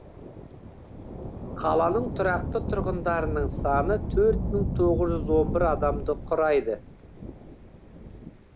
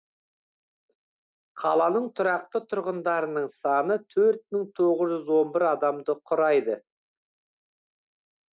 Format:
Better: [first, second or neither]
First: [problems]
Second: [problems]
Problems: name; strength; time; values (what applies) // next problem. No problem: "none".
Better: second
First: background sound (Thunder / Rain); 4 dB below the speech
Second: none